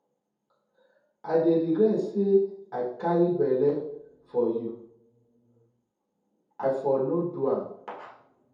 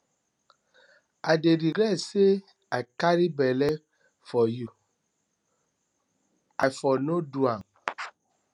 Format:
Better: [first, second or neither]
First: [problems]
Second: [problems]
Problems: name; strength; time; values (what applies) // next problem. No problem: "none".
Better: second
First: room echo; dies away in 0.7 s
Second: none